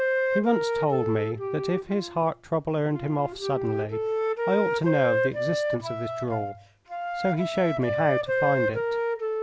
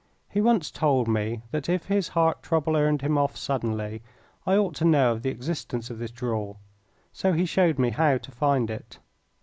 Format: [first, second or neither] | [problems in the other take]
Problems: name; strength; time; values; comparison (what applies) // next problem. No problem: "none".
second | background sound (Wind instrument, woodwind instrument); as loud as the speech